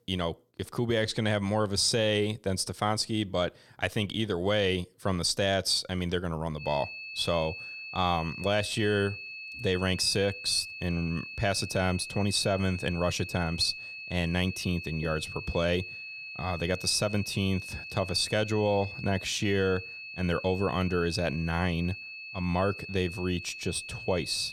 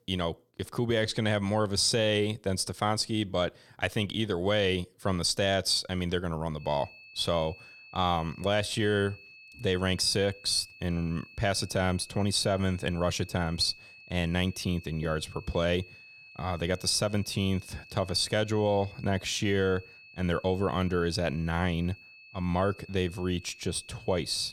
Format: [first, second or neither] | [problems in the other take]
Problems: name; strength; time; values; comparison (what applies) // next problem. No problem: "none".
second | high-pitched whine; loud; from 6.5 s on; 2.5 kHz, 10 dB below the speech; faint in the second